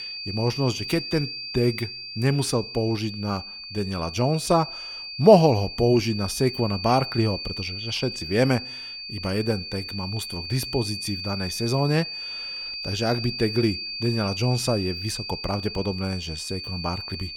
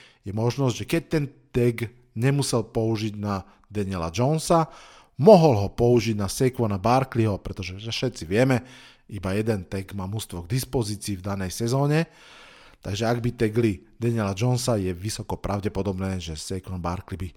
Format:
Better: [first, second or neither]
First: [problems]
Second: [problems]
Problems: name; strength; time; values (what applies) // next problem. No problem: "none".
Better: second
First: high-pitched whine; loud; throughout; 4.5 kHz, 7 dB below the speech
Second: none